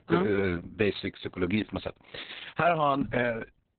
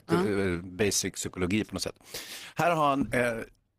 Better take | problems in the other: second | garbled, watery; badly; nothing above 4 kHz; slightly in the second

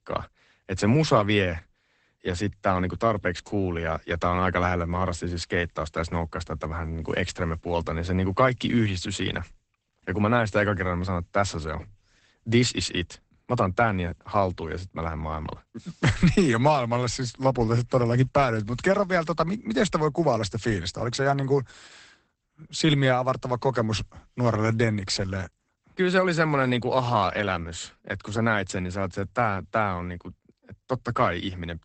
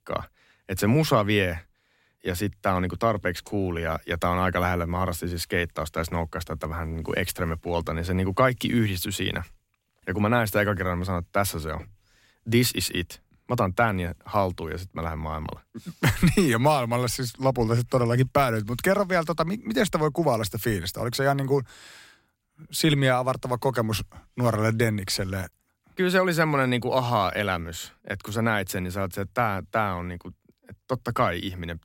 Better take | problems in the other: second | garbled, watery; badly; nothing above 8 kHz

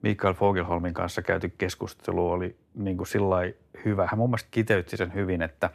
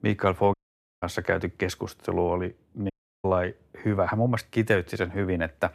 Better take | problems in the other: first | audio cutting out; at 0.5 s and at 3 s

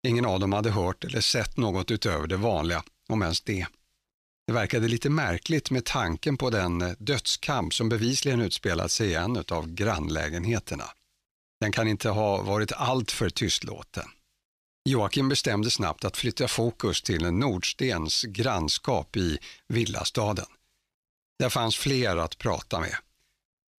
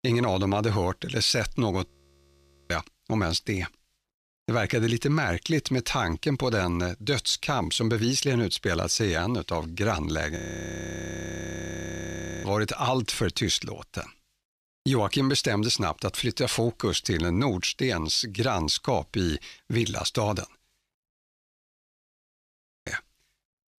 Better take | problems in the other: first | audio freezing; at 2 s for 1 s, at 10 s for 2 s and at 21 s for 1.5 s

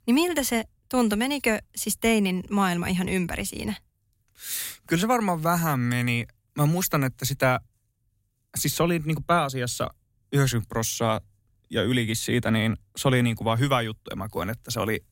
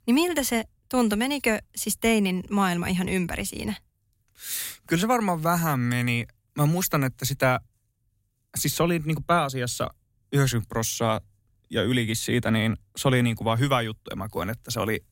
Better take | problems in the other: neither | none

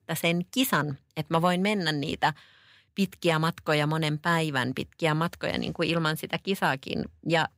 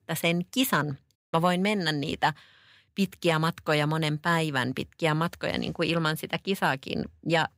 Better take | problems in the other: first | audio cutting out; at 1 s

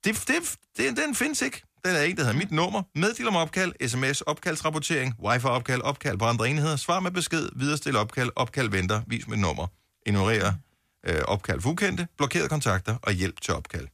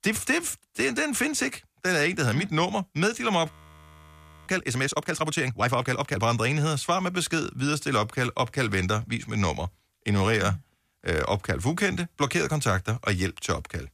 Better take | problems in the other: first | audio freezing; at 3.5 s for 1 s

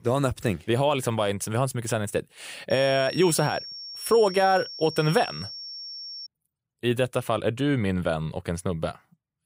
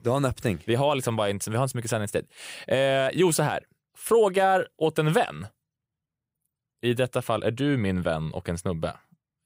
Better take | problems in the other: second | high-pitched whine; noticeable; from 2.5 to 6.5 s; 5.5 kHz, 10 dB below the speech

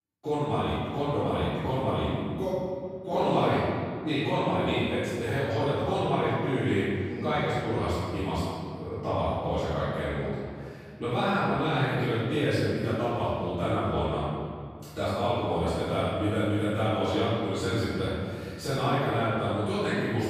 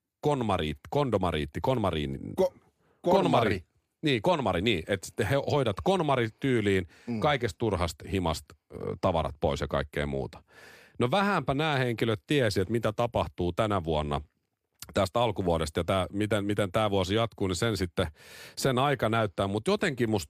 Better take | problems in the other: second | off-mic speech; far // room echo; strong; dies away in 2 s

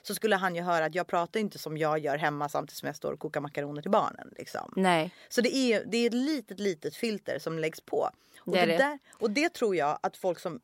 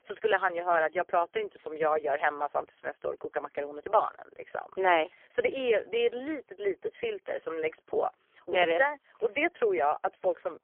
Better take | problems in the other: first | phone-call audio; poor line; nothing above 3 kHz

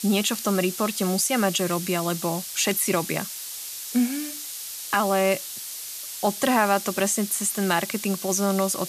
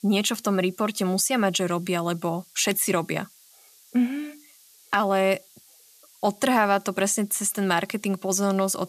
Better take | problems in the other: second | hiss; loud; throughout; 8 dB below the speech; faint in the second

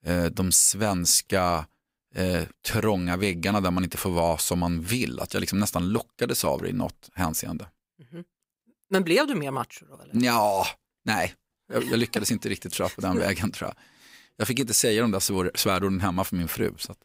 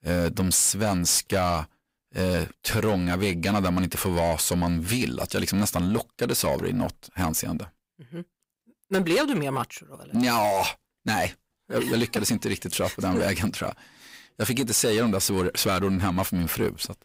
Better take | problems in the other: first | distortion; slight; 10 dB below the speech

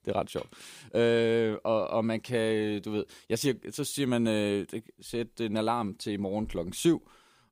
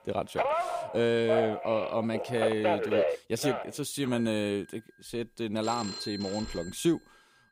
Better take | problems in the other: first | alarms or sirens; loud; throughout; 2 dB below the speech

